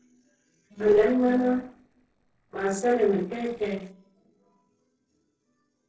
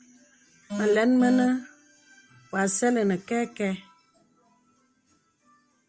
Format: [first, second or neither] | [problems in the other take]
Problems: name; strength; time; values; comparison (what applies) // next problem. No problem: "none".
second | noise reduction (neural separator model SepFormer DNS4)